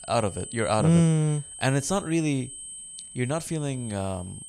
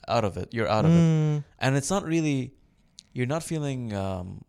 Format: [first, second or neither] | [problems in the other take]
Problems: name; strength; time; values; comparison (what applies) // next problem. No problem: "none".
second | high-pitched whine; noticeable; throughout; 8 kHz, 15 dB below the speech